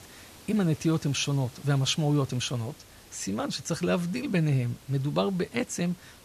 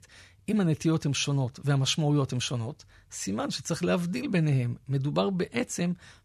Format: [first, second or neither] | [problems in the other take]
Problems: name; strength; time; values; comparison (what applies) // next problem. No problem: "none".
second | hiss; faint; throughout; 20 dB below the speech